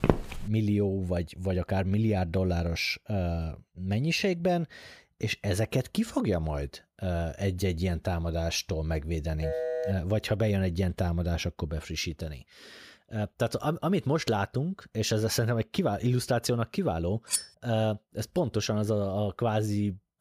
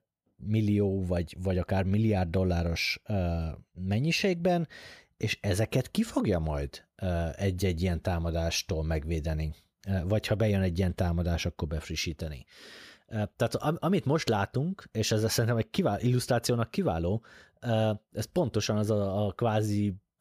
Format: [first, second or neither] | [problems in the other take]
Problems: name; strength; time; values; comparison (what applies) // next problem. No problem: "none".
second | footsteps; loud; at the start; peak 2 dB above the speech // phone ringing; noticeable; at 9.5 s; peak 1 dB below the speech // clattering dishes; noticeable; at 17 s; peak 1 dB below the speech